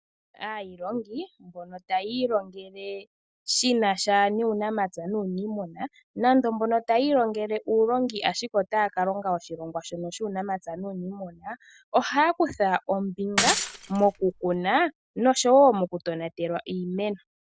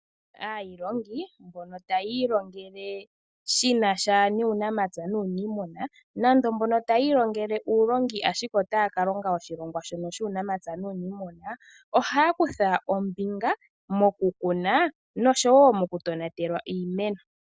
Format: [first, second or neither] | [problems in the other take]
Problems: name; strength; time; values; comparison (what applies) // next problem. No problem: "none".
second | background sound (Shatter / Crushing); 3 dB below the speech